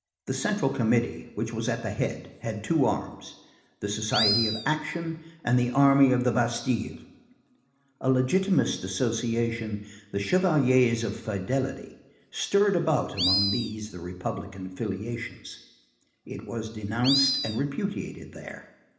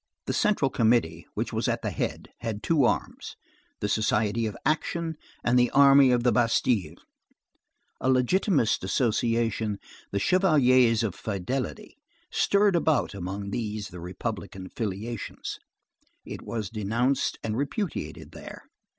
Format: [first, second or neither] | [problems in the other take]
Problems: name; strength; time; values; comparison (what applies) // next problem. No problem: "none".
second | background sound (Animal); 1 dB below the speech // room echo; dies away in 1 s